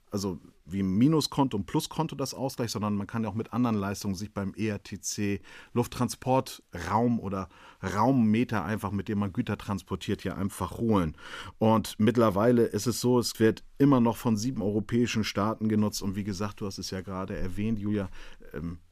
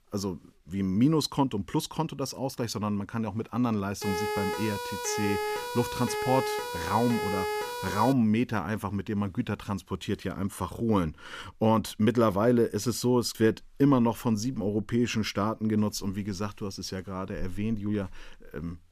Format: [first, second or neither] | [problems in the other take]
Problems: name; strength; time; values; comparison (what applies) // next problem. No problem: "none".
first | siren; noticeable; from 4 to 8 s; peak 1 dB below the speech